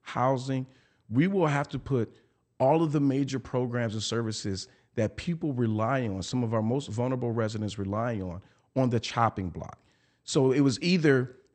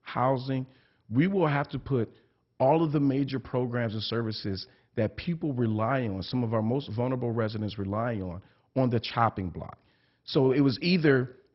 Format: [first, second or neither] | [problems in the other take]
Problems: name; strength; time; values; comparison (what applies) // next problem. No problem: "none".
first | garbled, watery; badly; nothing above 5.5 kHz; slightly in the first